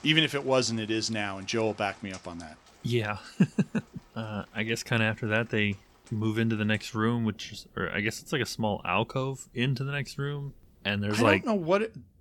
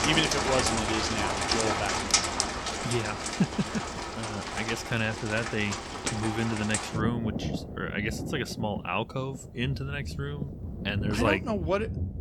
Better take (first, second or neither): first